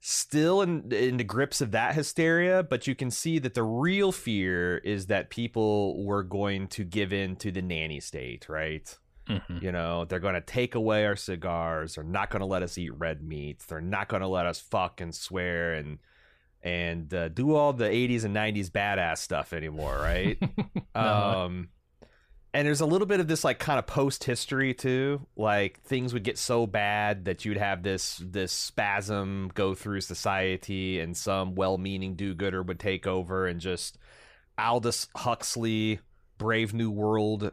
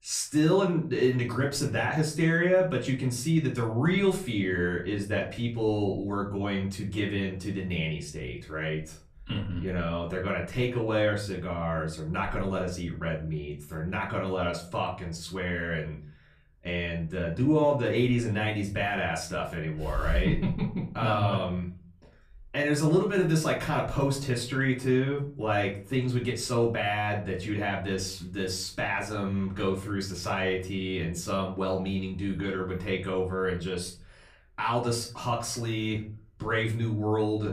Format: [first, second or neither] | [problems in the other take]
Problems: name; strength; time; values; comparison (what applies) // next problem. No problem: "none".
first | off-mic speech; far // room echo; slight; dies away in 0.4 s